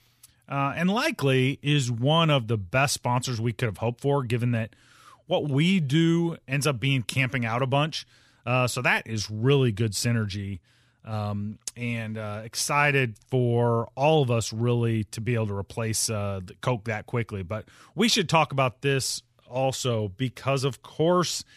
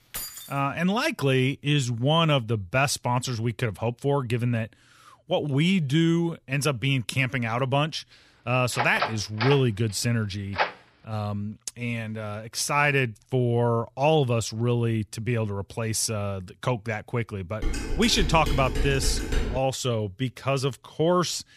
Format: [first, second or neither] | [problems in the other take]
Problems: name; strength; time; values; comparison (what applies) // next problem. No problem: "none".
first | jangling keys; noticeable; at the start; peak 8 dB below the speech // door banging; noticeable; from 8.5 to 11 s; peak 2 dB below the speech // clattering dishes; noticeable; from 18 to 20 s; peak 4 dB below the speech